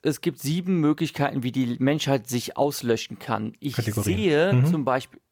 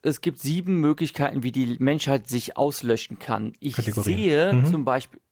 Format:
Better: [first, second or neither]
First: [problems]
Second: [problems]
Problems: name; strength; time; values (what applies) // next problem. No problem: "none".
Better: first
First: none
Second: garbled, watery; slightly; nothing above 17.5 kHz